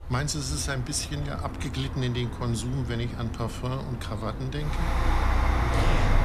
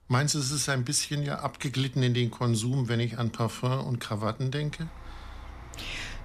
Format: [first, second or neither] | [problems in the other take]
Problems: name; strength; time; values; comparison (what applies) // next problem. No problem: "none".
second | traffic noise; loud; throughout; as loud as the speech; faint in the second